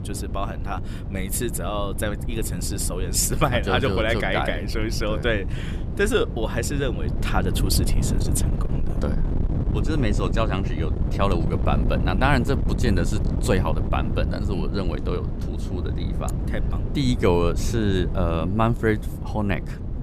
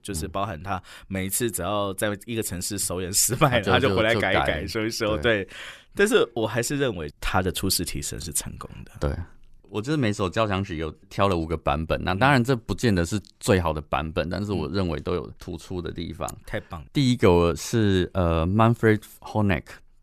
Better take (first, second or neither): second